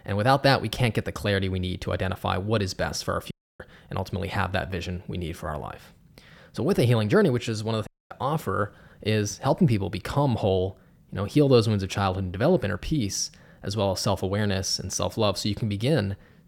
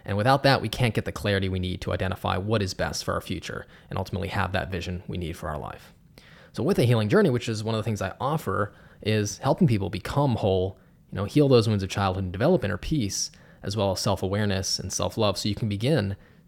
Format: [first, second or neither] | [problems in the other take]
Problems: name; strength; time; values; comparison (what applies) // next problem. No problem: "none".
second | audio cutting out; at 3.5 s and at 8 s